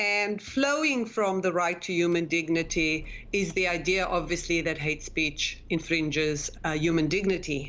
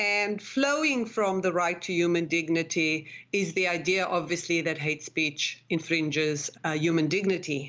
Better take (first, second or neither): second